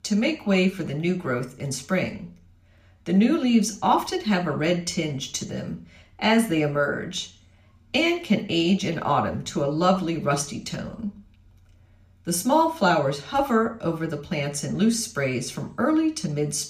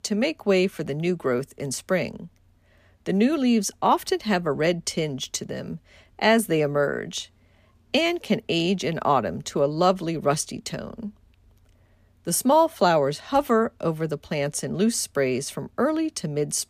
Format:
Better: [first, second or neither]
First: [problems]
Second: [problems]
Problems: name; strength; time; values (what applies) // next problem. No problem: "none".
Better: second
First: room echo; very slight; dies away in 0.4 s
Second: none